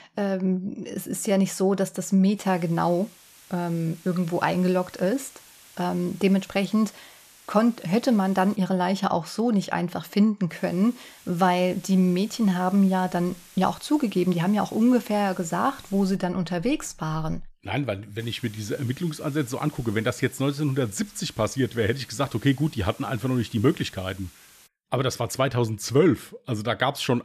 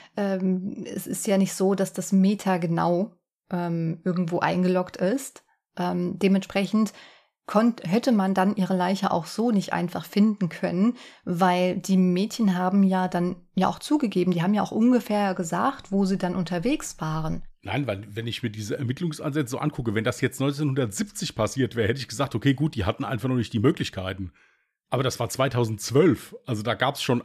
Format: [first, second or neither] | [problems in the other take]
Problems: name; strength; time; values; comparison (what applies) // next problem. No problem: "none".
second | hiss; faint; from 2.5 to 8.5 s, from 11 to 16 s and from 18 to 25 s; 25 dB below the speech